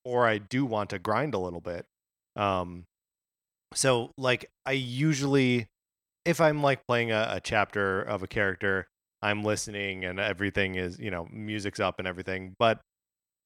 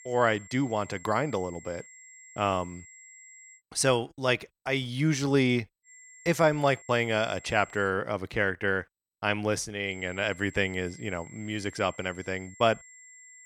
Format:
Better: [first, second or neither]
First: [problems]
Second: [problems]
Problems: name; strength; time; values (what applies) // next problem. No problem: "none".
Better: first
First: none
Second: high-pitched whine; faint; until 3.5 s, from 6 to 8 s and from 10 s on; 7.5 kHz, 20 dB below the speech